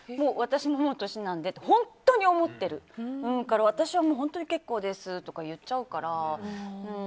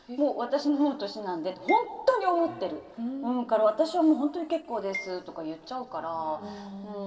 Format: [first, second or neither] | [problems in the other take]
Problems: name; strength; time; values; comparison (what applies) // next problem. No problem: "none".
first | background sound (Marimba, xylophone); 16 dB below the speech // room echo; dies away in 2.1 s